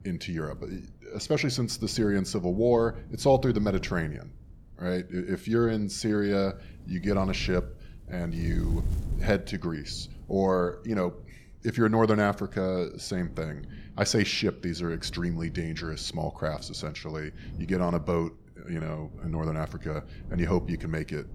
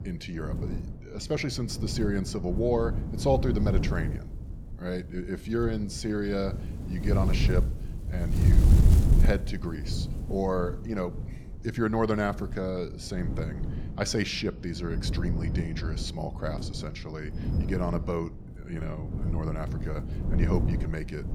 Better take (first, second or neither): first